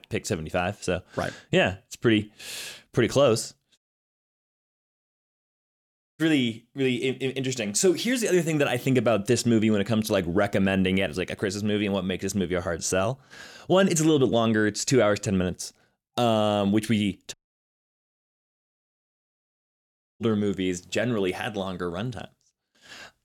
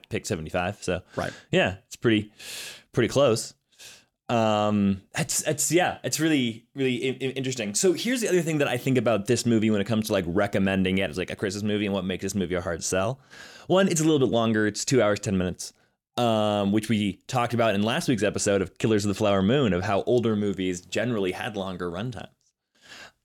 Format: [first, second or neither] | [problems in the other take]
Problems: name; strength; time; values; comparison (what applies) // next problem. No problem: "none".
second | audio cutting out; at 4 s for 2.5 s and at 17 s for 3 s